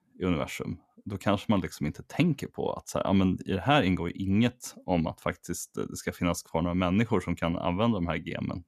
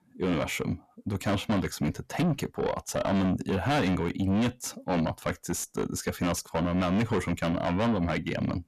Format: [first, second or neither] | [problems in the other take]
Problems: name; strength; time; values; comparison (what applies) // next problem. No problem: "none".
first | distortion; heavy; 6 dB below the speech